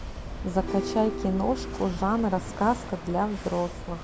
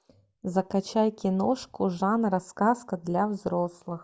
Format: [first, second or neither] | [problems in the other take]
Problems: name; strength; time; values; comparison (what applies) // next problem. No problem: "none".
second | background sound (Walk, footsteps / Waves, surf / Wind + Acoustic guitar / Strum); 7 dB below the speech